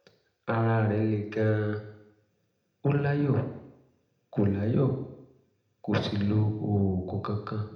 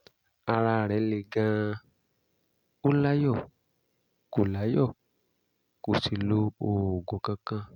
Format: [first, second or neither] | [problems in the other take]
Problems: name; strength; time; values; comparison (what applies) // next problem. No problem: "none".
second | room echo; dies away in 0.7 s